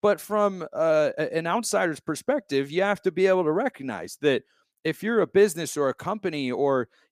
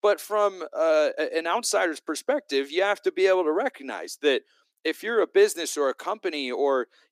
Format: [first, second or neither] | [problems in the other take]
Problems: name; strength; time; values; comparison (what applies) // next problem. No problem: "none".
first | thin; somewhat; fading below 300 Hz